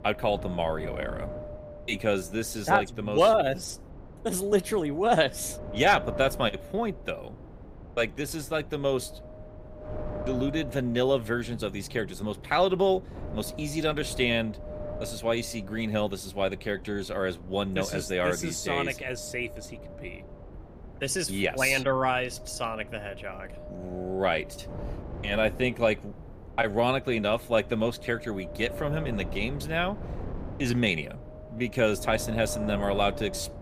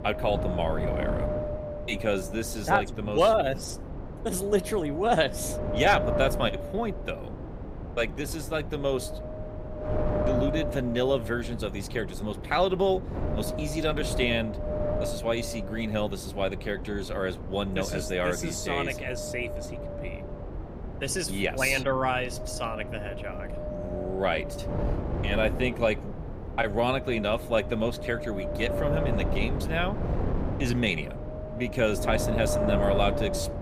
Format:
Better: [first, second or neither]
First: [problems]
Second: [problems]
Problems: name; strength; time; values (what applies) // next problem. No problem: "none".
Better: first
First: wind noise on the microphone; occasional gusts; 15 dB below the speech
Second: wind noise on the microphone; heavy; 7 dB below the speech